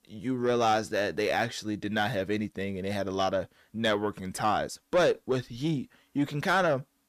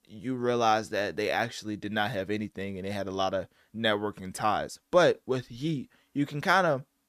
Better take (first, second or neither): second